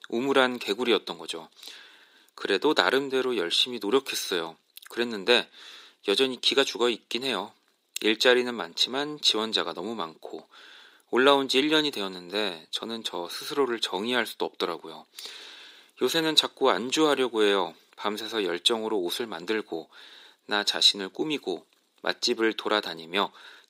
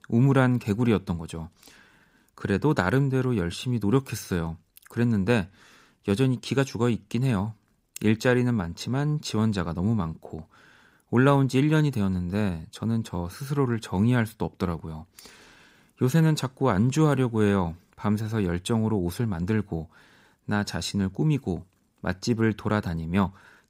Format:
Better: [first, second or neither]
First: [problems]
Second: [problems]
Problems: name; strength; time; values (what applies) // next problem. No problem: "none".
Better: second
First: thin; very; fading below 350 Hz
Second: none